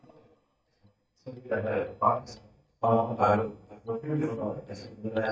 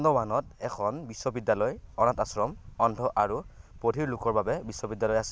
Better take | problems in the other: second | noise reduction (neural mask model DeepFilterNet 3)

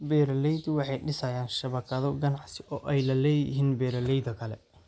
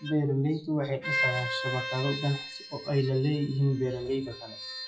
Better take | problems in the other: first | noise reduction (classical method WPE with log-MMSE)

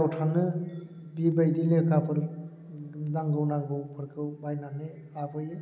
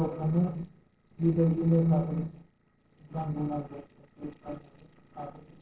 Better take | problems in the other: first | noise reduction (neural separator model SepFormer DNS4)

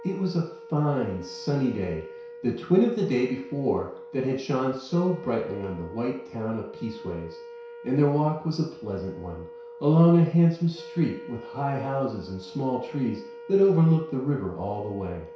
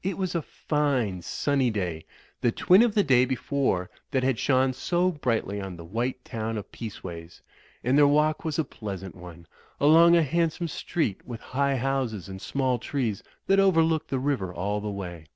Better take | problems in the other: second | background sound (Wind instrument, woodwind instrument); 16 dB below the speech // room echo; dies away in 0.6 s

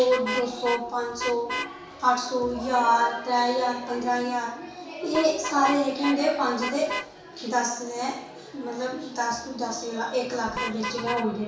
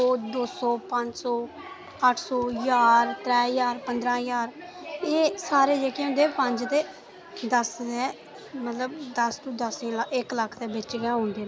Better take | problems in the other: second | background sound (Vehicle horn, car horn, honking); 11 dB below the speech // room echo; dies away in 0.6 s

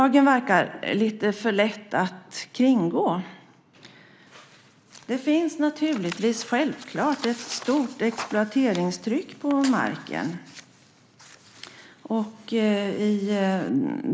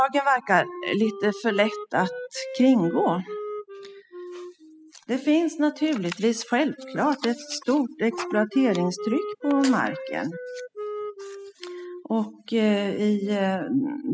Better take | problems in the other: first | noise reduction (classical method spectral subtraction)

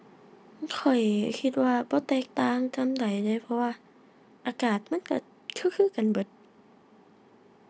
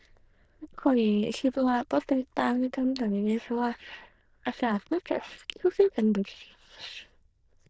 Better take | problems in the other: first | noise reduction (neural diffusion model UNIVERSE++)

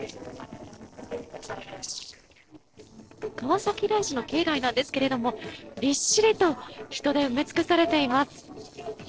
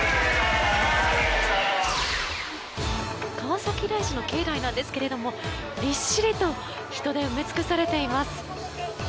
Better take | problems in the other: second | noise reduction (neural separator model SepFormer DNS4)

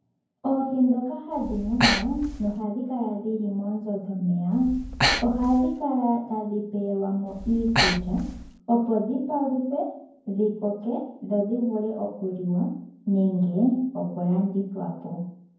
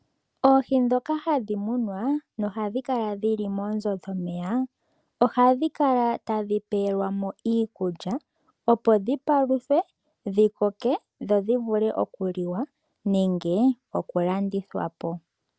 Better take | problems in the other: second | background sound (Breathing); 2 dB below the speech // room echo; dies away in 0.9 s

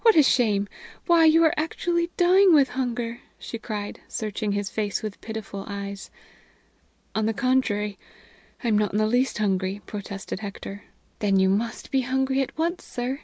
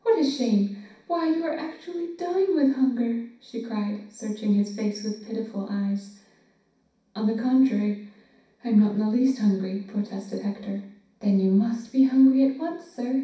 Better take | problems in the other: first | room echo; dies away in 0.6 s

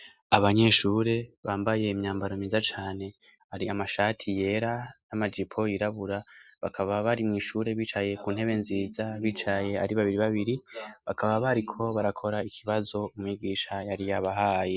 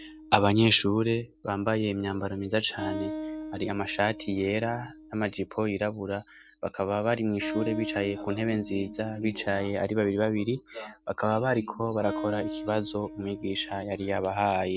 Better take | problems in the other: first | background sound (Acoustic guitar); 12 dB below the speech

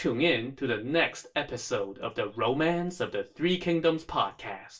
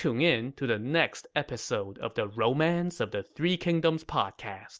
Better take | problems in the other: second | room echo; dies away in 0.2 s

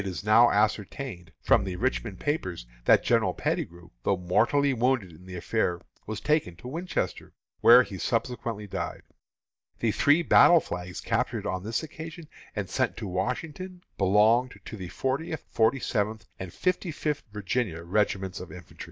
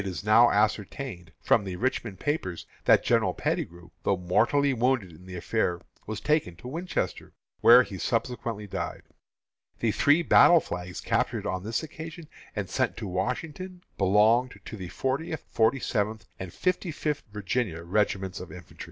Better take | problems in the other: second | noise reduction (neural mask model DeepFilterNet 3)

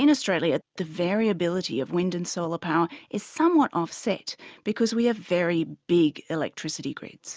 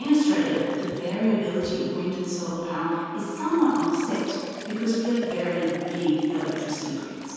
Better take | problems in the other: first | background sound (Liquid); 16 dB below the speech // room echo; dies away in 2.1 s

